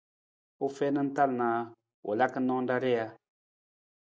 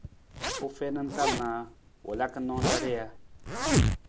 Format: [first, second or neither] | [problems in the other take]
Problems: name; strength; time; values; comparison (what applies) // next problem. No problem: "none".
first | background sound (Zipper (clothing)); 3 dB above the speech